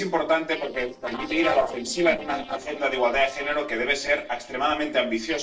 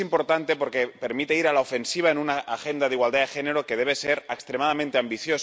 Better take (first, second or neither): second